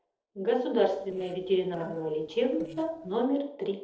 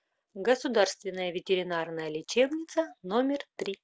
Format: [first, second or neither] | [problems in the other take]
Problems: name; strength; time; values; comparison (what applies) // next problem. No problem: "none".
second | noise reduction (neural separator model SepFormer DNS4)